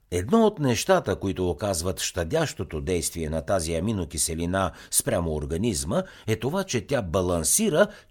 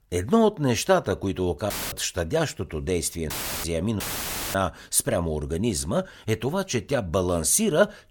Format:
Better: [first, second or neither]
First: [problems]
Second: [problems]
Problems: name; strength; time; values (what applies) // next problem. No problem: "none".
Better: first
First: none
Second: audio cutting out; filled with static; at 1.5 s, at 3.5 s and at 4 s for 0.5 s